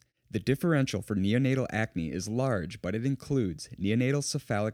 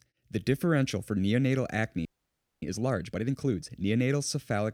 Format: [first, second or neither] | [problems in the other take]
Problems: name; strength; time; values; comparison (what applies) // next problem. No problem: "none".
first | audio freezing; at 2 s for 0.5 s